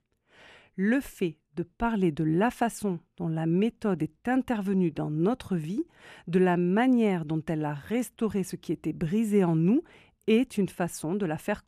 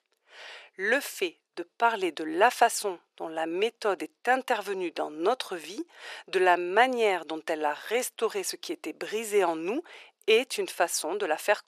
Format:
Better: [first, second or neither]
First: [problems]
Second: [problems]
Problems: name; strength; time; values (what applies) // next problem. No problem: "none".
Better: first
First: none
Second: thin; very; fading below 450 Hz